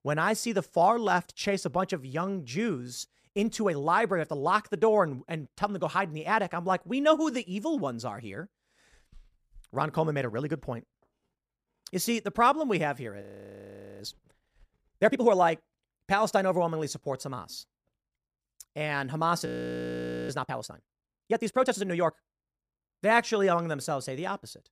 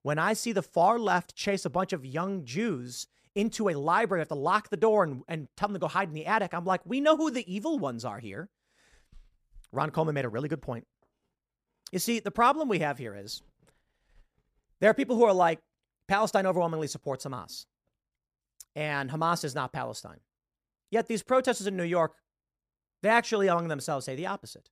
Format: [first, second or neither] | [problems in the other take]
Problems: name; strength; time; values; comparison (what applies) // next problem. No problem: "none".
second | audio freezing; at 13 s for 1 s and at 19 s for 1 s